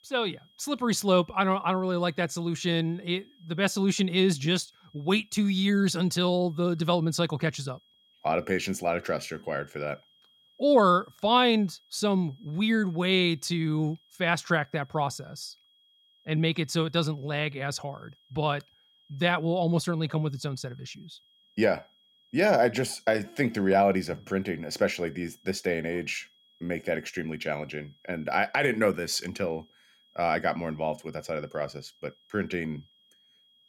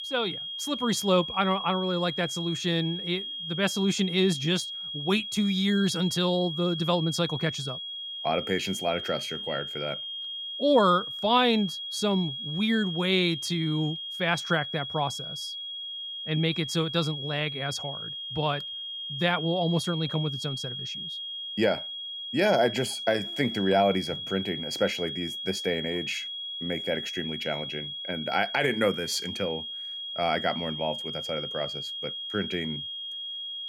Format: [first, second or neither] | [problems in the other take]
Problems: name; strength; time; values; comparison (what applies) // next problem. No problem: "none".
first | high-pitched whine; loud; throughout; 3.5 kHz, 5 dB below the speech; faint in the first